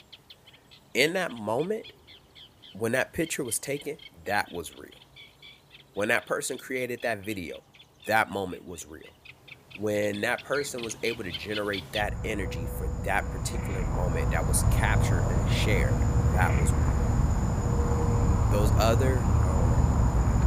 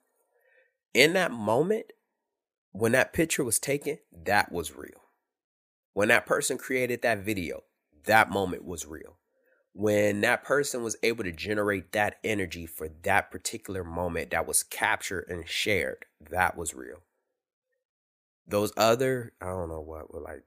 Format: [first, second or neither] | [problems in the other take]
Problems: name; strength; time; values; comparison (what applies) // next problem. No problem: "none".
second | animal sounds; very loud; throughout; 3 dB above the speech